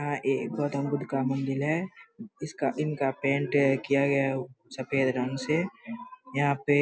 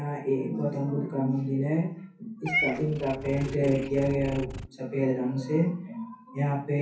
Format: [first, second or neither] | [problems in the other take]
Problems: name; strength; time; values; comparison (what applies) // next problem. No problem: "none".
first | background sound (Meow / Purr); 11 dB below the speech // room echo; dies away in 0.6 s